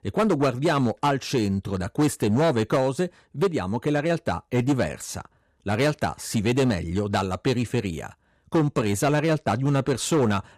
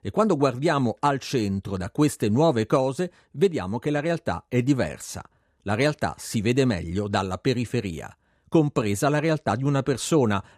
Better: second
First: distortion; slight; 7% of the sound clipped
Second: none

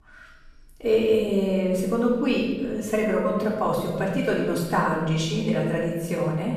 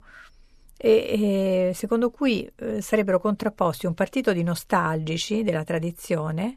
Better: second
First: room echo; noticeable; dies away in 1.2 s // off-mic speech; far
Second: none

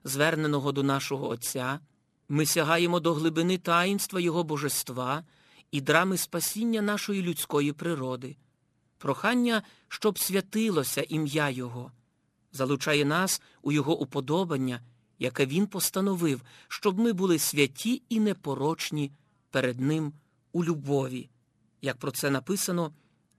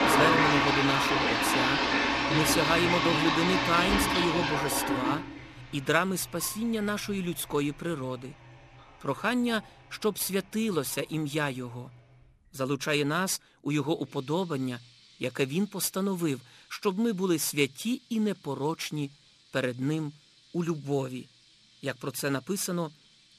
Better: first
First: none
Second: household noises; very loud; throughout; 4 dB above the speech

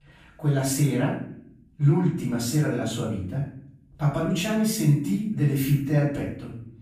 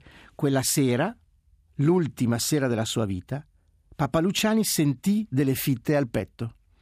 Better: second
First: off-mic speech; far // room echo; noticeable; dies away in 0.6 s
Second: none

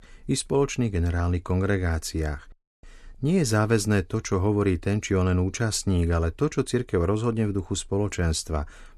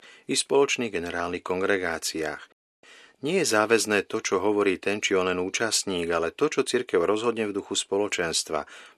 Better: first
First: none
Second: thin; somewhat; fading below 400 Hz

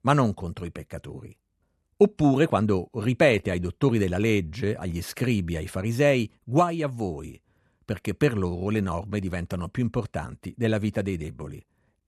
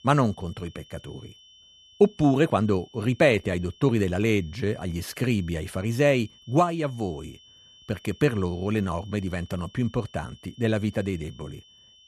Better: first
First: none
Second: high-pitched whine; faint; throughout; 3 kHz, 25 dB below the speech

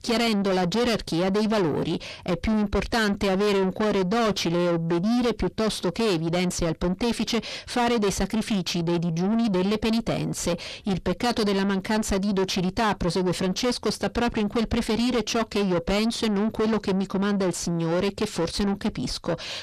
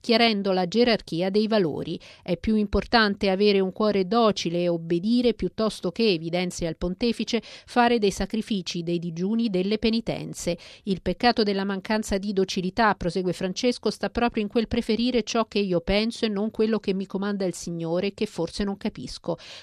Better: second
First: distortion; heavy; 6 dB below the speech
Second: none

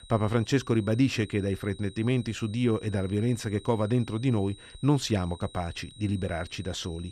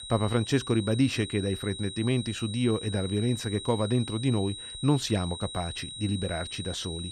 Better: first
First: high-pitched whine; faint; throughout; 4 kHz, 20 dB below the speech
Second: high-pitched whine; loud; throughout; 4 kHz, 9 dB below the speech

